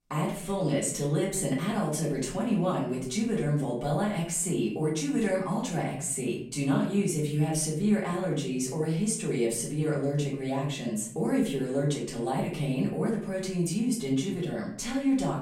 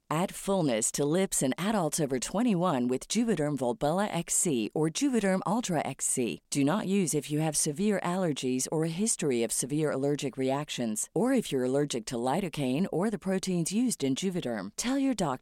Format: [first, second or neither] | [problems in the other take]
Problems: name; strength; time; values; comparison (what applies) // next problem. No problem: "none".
second | room echo; noticeable; dies away in 0.6 s // off-mic speech; far